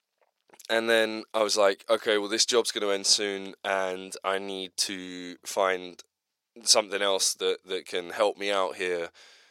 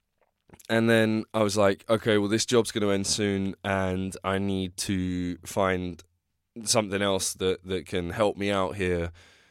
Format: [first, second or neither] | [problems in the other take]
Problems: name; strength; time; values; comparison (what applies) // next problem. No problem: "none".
second | thin; somewhat; fading below 500 Hz